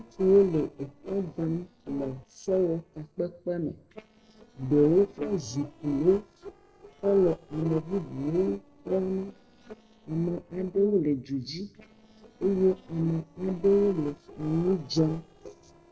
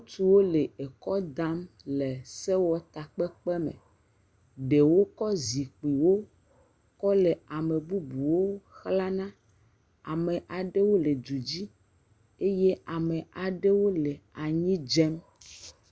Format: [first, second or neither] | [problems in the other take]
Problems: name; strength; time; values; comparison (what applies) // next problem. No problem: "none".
second | noise reduction (neural separator model SepFormer DNS4)